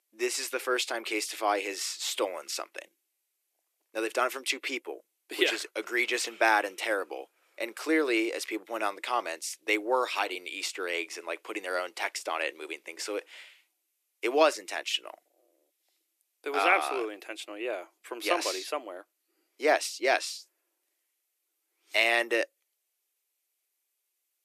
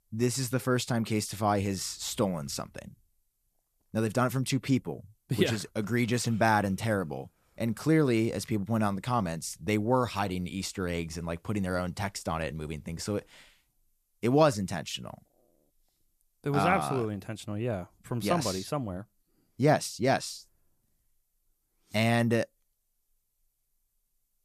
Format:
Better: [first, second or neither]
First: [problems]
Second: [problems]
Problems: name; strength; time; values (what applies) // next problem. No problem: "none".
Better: second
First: thin; very; fading below 300 Hz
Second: none